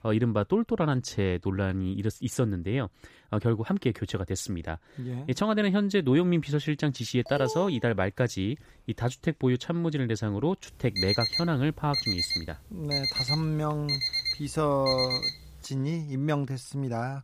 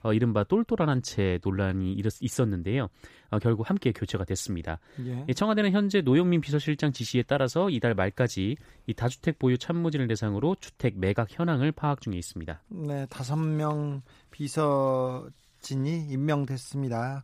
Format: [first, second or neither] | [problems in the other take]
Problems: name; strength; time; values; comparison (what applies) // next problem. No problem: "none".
second | alarm; noticeable; at 7.5 s; peak 7 dB below the speech // alarm; loud; from 11 to 15 s; peak 3 dB above the speech